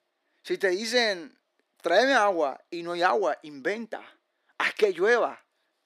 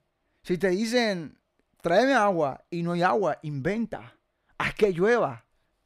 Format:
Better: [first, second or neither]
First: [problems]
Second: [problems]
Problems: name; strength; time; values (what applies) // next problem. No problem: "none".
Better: second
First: thin; somewhat; fading below 300 Hz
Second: none